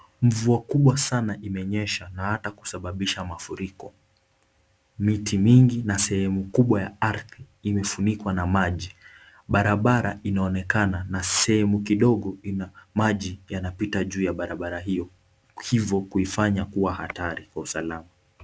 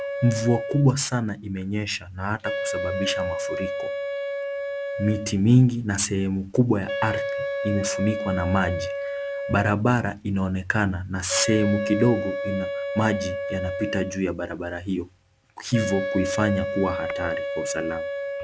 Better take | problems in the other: first | background sound (Wind instrument, woodwind instrument); 5 dB below the speech

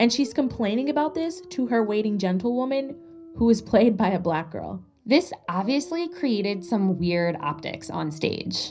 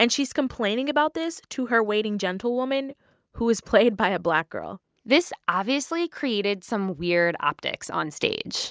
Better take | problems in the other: second | background sound (Dog); 19 dB below the speech // room echo; dies away in 0.4 s

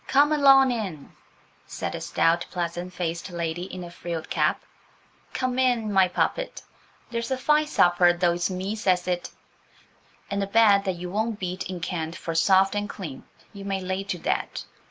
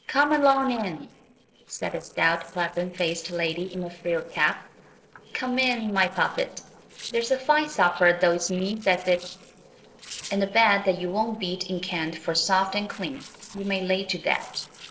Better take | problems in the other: first | noise reduction (neural separator model SepFormer DNS4)

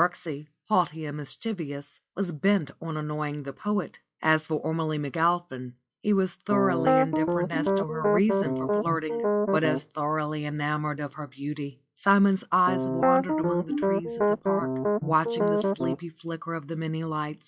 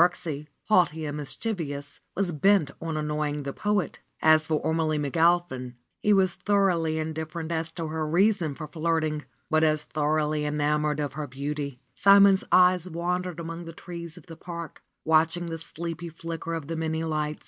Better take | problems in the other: second | noise reduction (classical method log-MMSE)

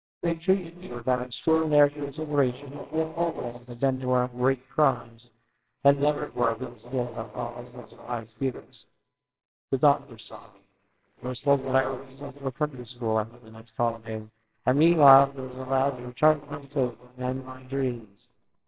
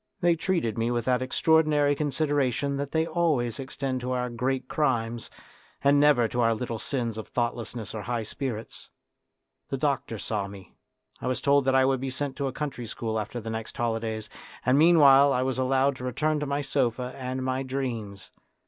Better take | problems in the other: second | noise reduction (neural separator model SepFormer WHAMR!)

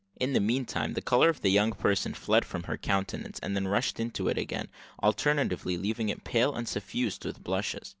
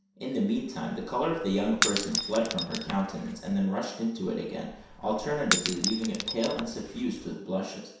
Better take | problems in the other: first | background sound (Shatter / Crushing); 4 dB below the speech // room echo; dies away in 0.7 s

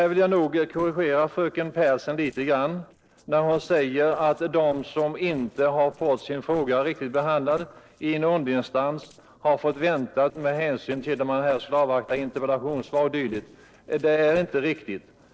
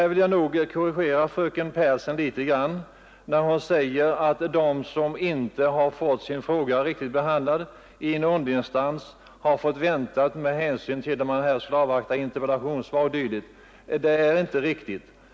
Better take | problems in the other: second | noise reduction (neural separator model SepFormer DNS4)

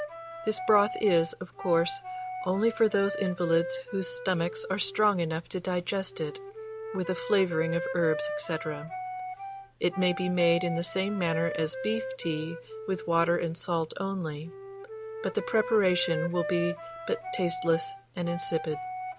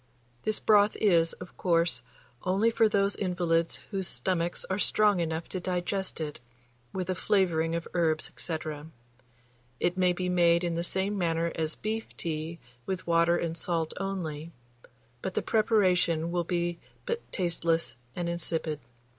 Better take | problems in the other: second | background sound (Wind instrument, woodwind instrument); 9 dB below the speech

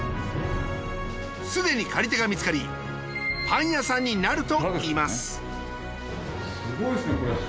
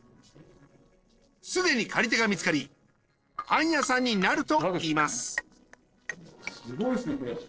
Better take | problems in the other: first | noise reduction (neural separator model SepFormer DNS4)

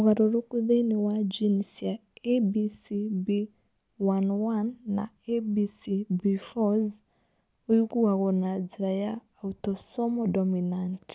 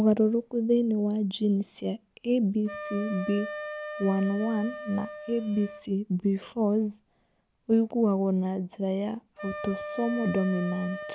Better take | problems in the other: first | background sound (Wind instrument, woodwind instrument); 13 dB below the speech

